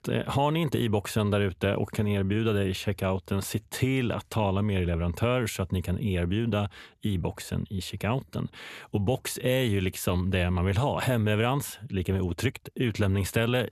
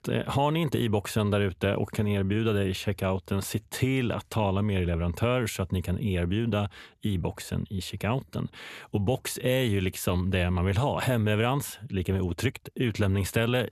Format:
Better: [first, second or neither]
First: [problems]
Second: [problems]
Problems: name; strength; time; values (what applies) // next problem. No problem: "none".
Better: neither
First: none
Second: none